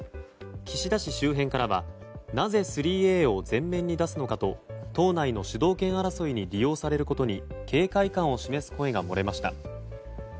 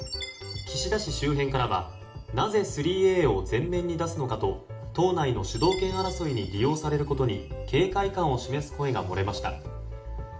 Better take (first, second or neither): first